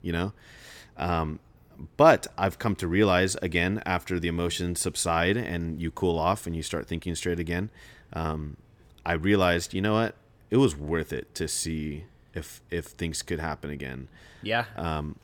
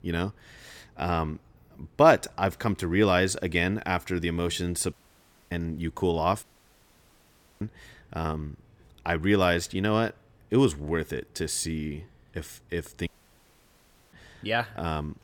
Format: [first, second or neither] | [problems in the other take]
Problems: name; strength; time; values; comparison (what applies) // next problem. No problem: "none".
first | audio cutting out; at 5 s for 0.5 s, at 6.5 s for 1 s and at 13 s for 1 s